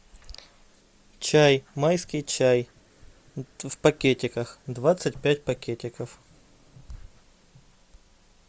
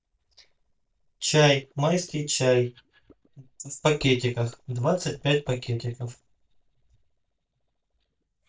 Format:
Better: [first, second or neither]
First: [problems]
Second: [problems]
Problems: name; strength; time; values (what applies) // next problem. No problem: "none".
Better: first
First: none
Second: noise reduction (neural mask model DeepFilterNet 3)